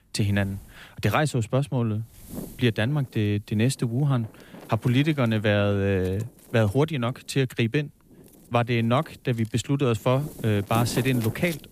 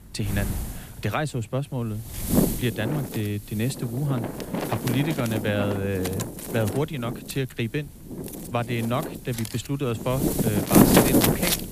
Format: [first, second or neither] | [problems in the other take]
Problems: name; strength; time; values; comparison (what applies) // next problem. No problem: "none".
first | wind noise on the microphone; heavy; 3 dB above the speech; occasional gusts in the first